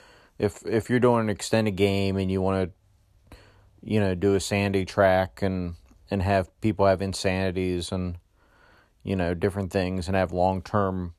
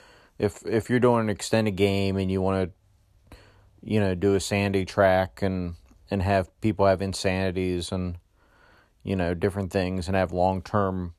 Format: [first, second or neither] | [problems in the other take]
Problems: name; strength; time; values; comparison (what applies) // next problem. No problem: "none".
neither | none